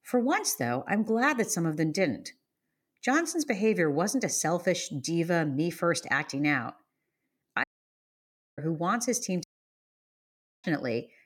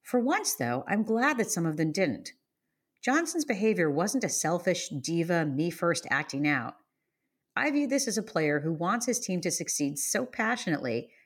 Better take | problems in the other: second | audio cutting out; at 7.5 s for 1 s and at 9.5 s for 1 s

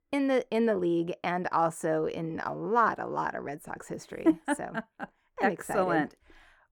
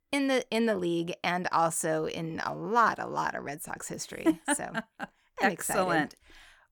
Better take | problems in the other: second | muffled; slightly; fading above 2.5 kHz

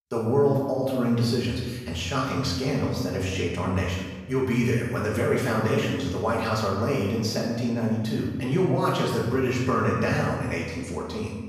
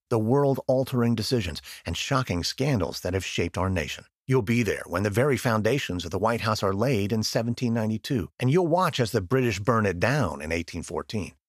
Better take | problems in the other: second | off-mic speech; far // room echo; noticeable; dies away in 1.2 s

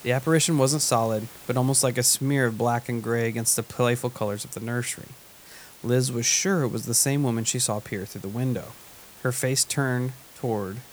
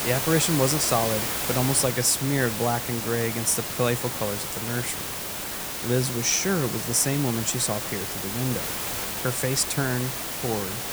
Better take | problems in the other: first | hiss; loud; throughout; 3 dB below the speech; faint in the first

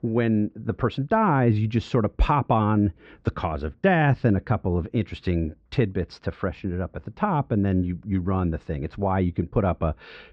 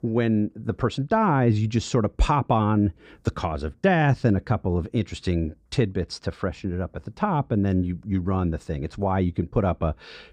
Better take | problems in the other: second | muffled; slightly; fading above 2.5 kHz

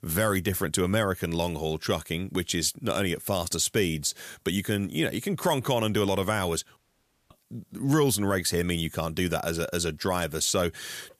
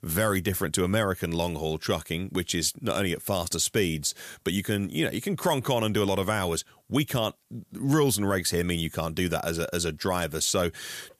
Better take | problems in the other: second | audio cutting out; at 7 s for 0.5 s

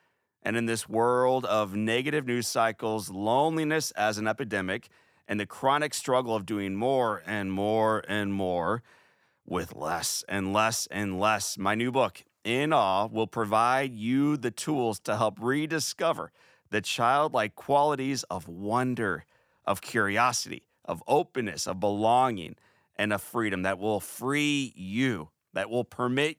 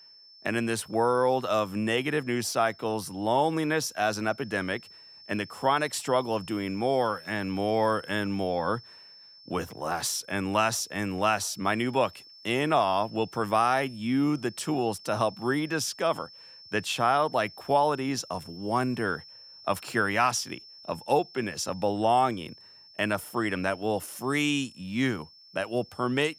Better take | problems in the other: first | high-pitched whine; faint; throughout; 5.5 kHz, 20 dB below the speech

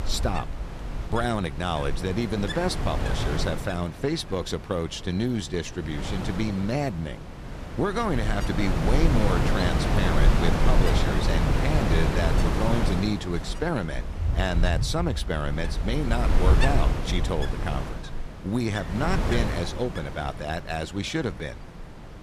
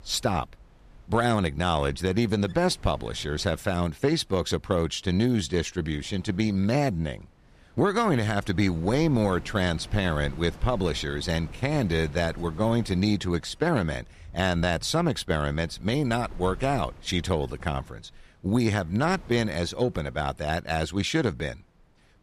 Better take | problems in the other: second | wind noise on the microphone; heavy; 3 dB below the speech; occasional gusts in the second

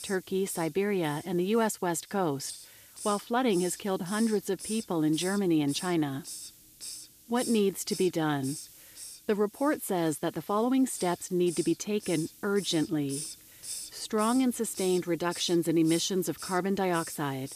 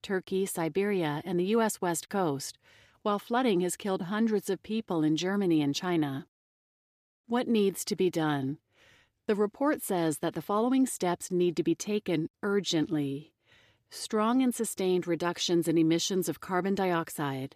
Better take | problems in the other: second | hiss; noticeable; throughout; 10 dB below the speech

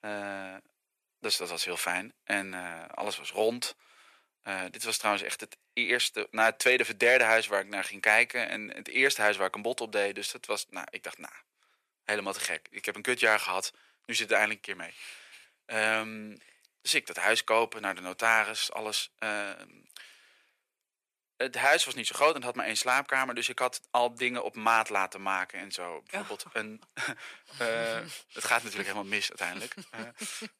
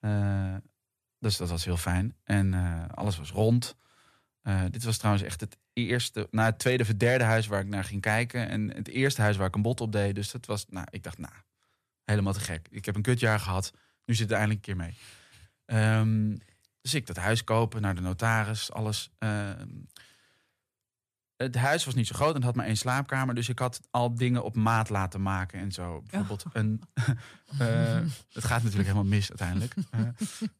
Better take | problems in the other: second | thin; very; fading below 400 Hz

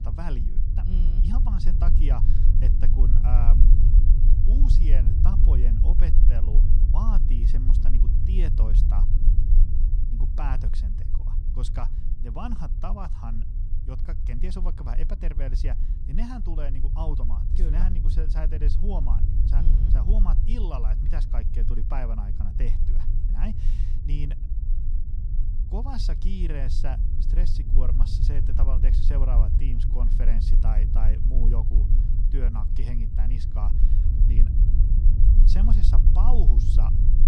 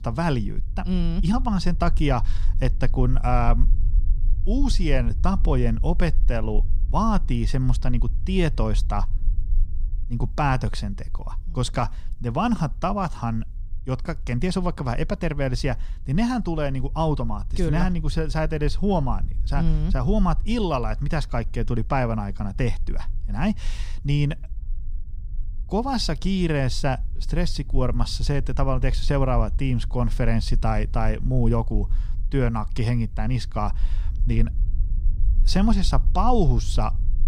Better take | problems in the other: second | low rumble; loud; throughout; 3 dB below the speech; faint in the second

